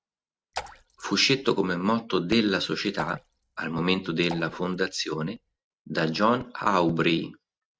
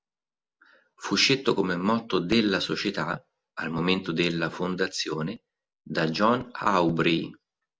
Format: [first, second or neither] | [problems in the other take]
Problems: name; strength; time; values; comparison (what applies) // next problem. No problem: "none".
second | noise reduction (neural mask model RNNoise)